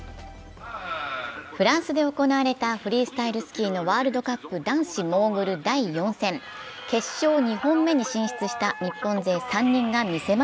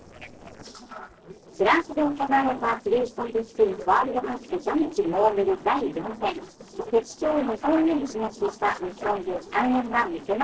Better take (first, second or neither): first